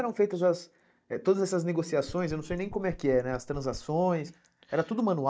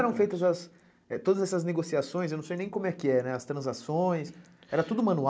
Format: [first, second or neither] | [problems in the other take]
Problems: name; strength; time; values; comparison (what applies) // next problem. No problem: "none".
second | noise reduction (neural mask model DeepFilterNet 3)